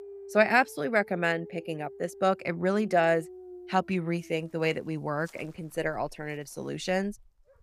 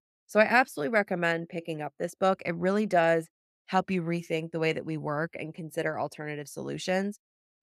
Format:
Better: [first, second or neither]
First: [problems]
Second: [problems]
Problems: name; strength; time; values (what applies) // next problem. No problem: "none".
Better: second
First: animal sounds; noticeable; throughout; 20 dB below the speech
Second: none